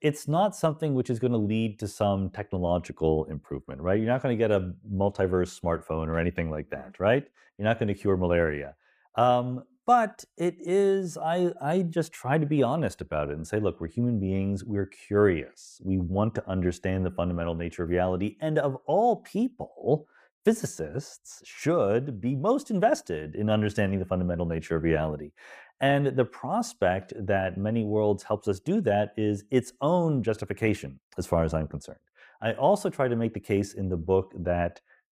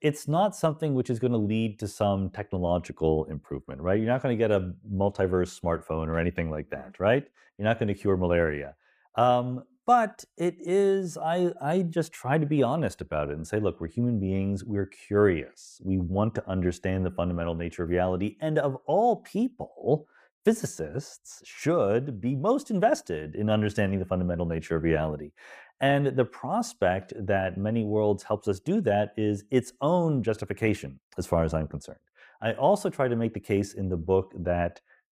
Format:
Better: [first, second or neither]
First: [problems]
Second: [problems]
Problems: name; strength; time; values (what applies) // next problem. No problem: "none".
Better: neither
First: none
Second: none